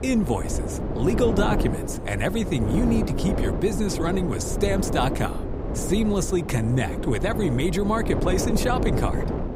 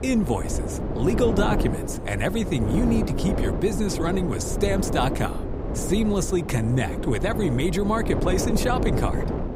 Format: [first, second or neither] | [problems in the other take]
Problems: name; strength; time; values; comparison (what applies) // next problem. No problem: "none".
neither | wind noise on the microphone; heavy; 4 dB below the speech; the same in both